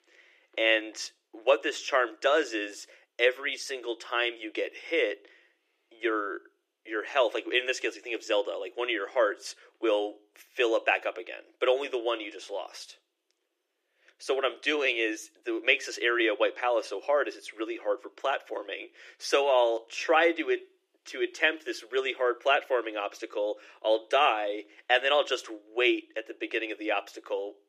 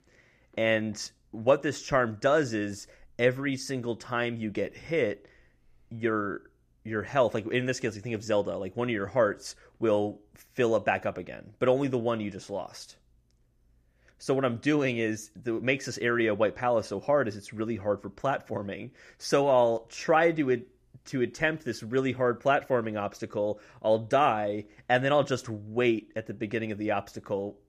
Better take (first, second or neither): second